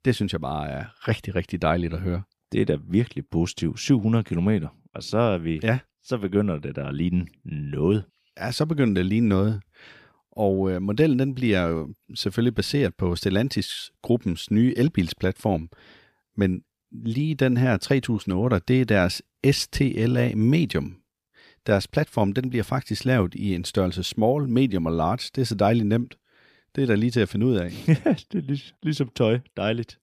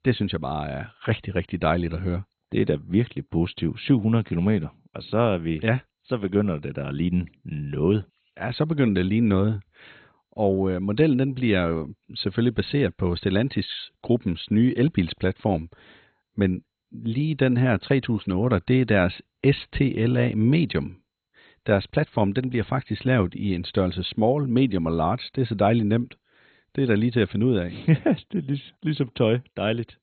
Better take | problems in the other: first | garbled, watery; badly; nothing above 4 kHz

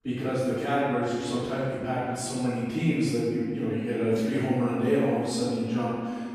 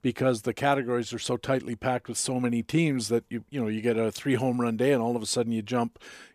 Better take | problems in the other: second | off-mic speech; far // room echo; strong; dies away in 2 s

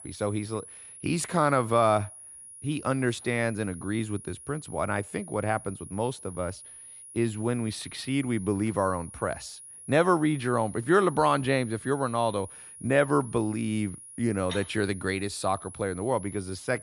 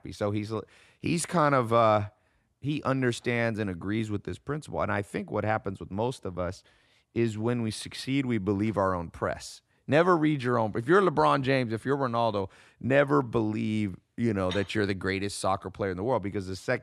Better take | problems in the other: second | high-pitched whine; noticeable; throughout; 10.5 kHz, 15 dB below the speech

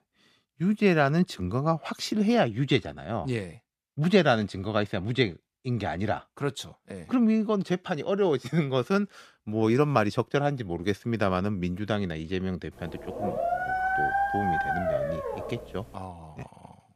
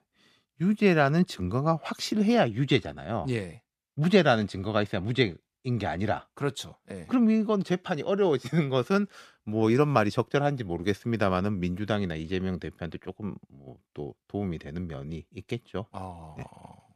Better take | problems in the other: second | dog barking; loud; from 13 to 16 s; peak 2 dB above the speech

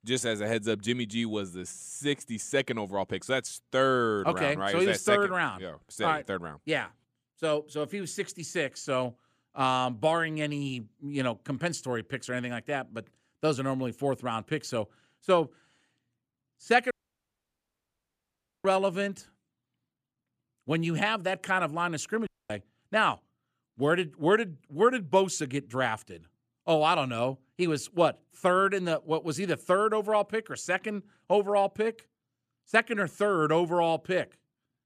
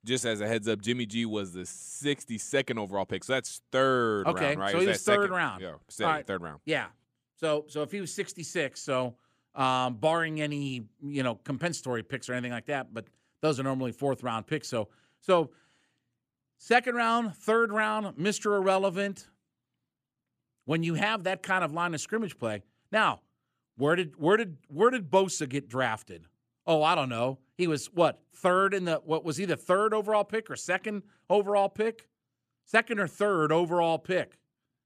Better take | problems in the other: second | audio cutting out; at 17 s for 1.5 s and at 22 s

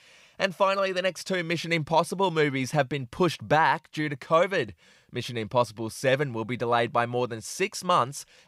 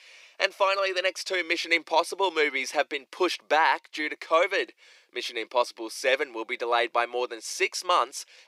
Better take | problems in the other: first | thin; very; fading below 350 Hz

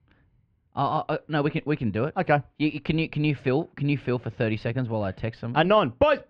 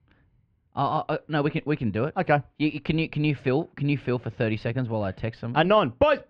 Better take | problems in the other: neither | muffled; very; fading above 2.5 kHz; the same in both

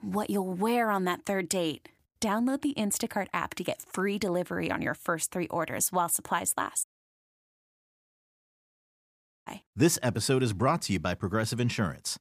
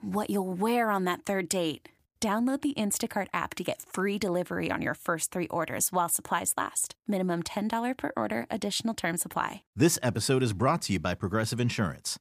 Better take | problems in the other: second | audio cutting out; at 7 s for 2.5 s

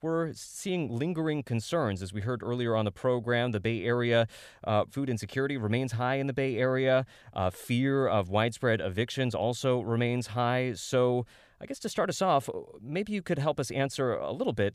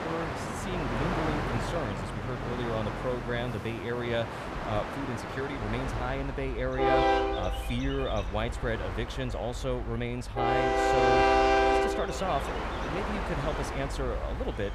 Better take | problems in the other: first | train or aircraft noise; very loud; throughout; 4 dB above the speech

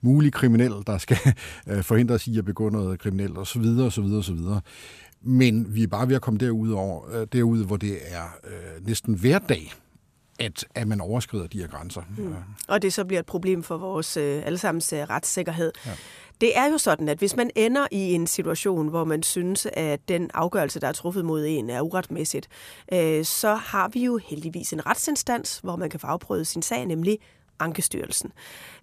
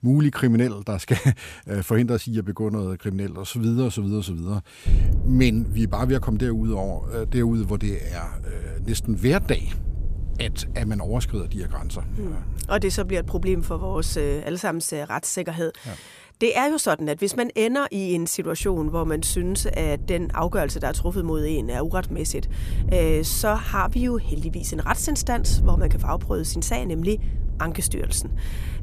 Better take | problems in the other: first | wind noise on the microphone; occasional gusts; from 5 to 14 s and from 19 s on; 20 dB below the speech

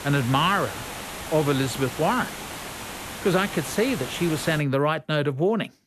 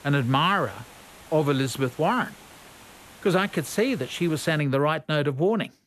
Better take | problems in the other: second | hiss; loud; until 4.5 s; 10 dB below the speech; faint in the second

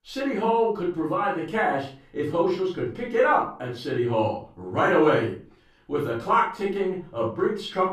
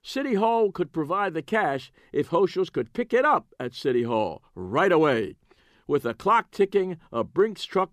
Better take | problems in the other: second | off-mic speech; far // room echo; noticeable; dies away in 0.3 s

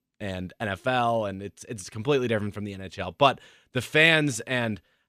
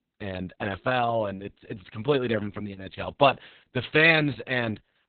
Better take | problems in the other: first | garbled, watery; badly; nothing above 4 kHz

